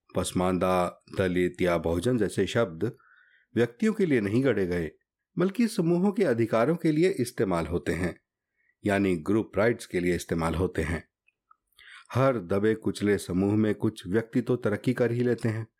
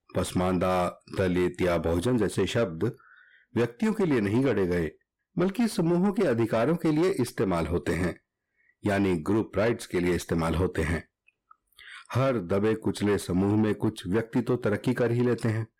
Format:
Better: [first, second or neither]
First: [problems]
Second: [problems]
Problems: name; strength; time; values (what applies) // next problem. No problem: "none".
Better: first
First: none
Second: distortion; slight; 10 dB below the speech